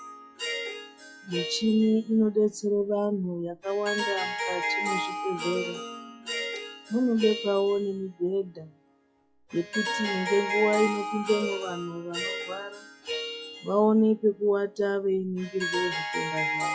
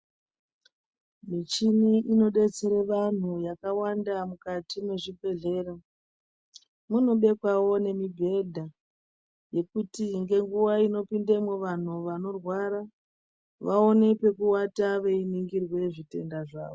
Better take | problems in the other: second | noise reduction (classical method log-MMSE)

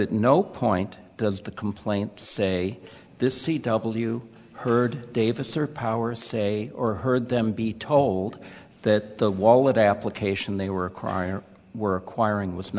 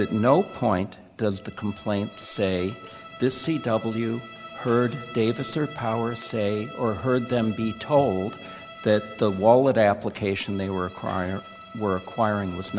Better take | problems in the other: first | background sound (Bowed string instrument); 18 dB below the speech

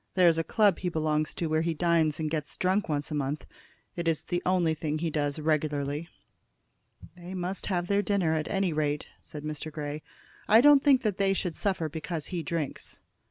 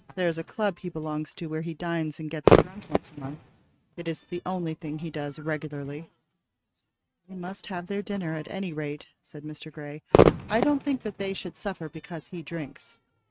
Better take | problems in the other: first | noise reduction (neural mask model RNNoise)

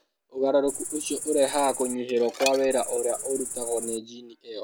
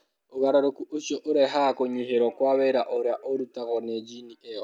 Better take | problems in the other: second | background sound (Cricket + Dishes, pots, and pans); 8 dB below the speech

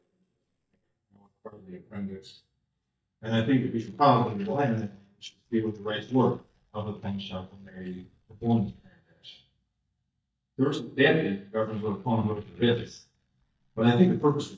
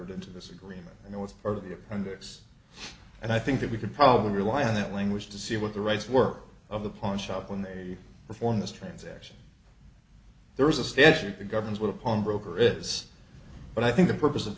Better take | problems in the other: second | noise reduction (neural mask model DeepFilterNet 3)

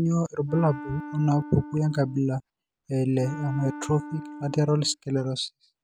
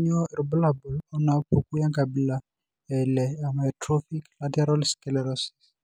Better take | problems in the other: second | background sound (Wind instrument, woodwind instrument); 14 dB below the speech

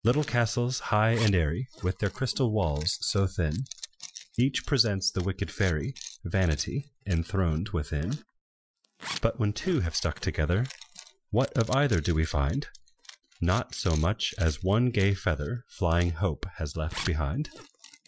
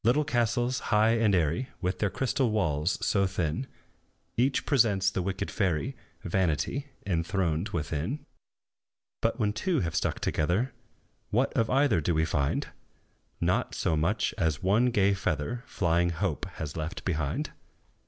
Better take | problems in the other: second | noise reduction (classical method Wiener filter)

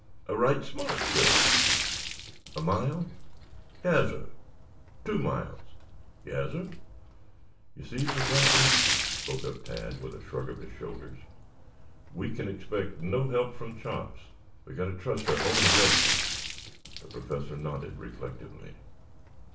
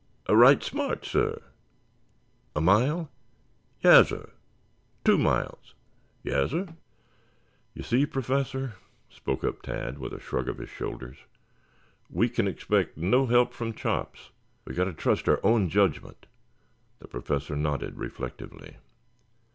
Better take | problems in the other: second | background sound (Splash, splatter); 1 dB above the speech // room echo; dies away in 0.3 s

